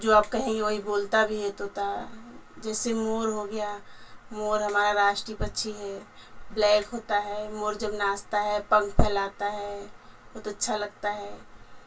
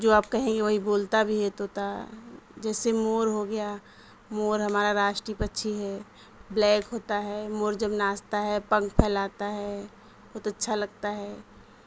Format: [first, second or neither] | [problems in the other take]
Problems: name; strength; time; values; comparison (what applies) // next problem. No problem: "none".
second | room echo; dies away in 0.2 s